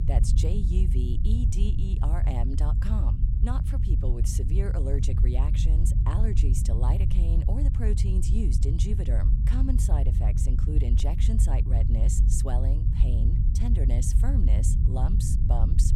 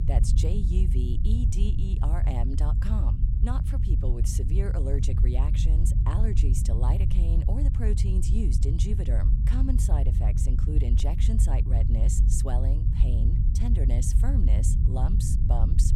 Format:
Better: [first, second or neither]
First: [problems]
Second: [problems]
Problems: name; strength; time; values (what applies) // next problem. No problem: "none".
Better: neither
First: low rumble; loud; throughout; 2 dB below the speech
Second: low rumble; loud; throughout; 2 dB below the speech